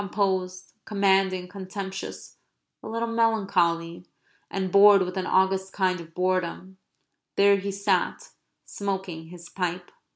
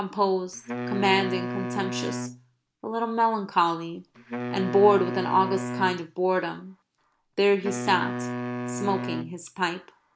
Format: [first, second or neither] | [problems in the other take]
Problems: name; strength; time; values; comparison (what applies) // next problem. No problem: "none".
first | background sound (Wind instrument, woodwind instrument); 7 dB below the speech